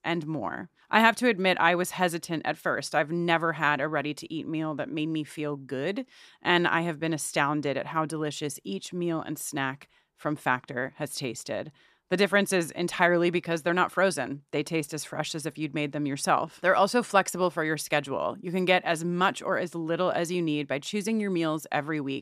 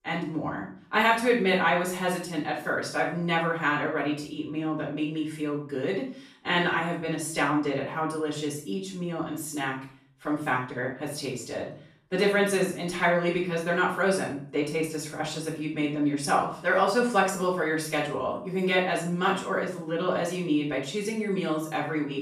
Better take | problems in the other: first | off-mic speech; far // room echo; noticeable; dies away in 0.4 s

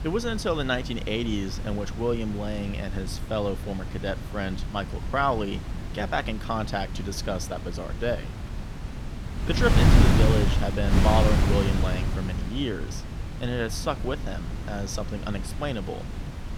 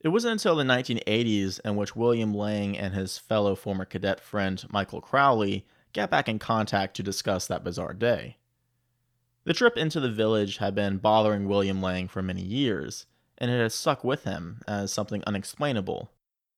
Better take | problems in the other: second | wind noise on the microphone; heavy; 6 dB below the speech

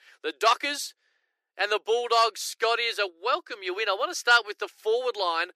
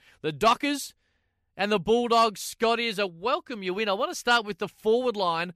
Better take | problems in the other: second | thin; very; fading below 350 Hz

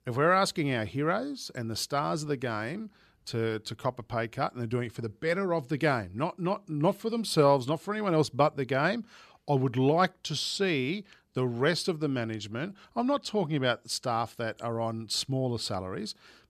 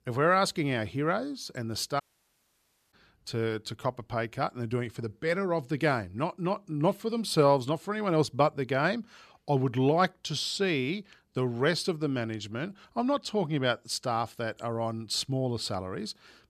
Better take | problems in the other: first | audio cutting out; at 2 s for 1 s

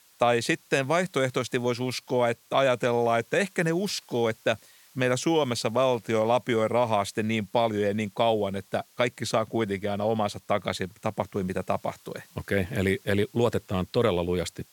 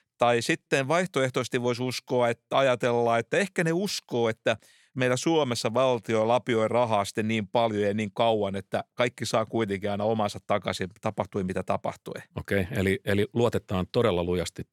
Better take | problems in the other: second | hiss; faint; throughout; 30 dB below the speech

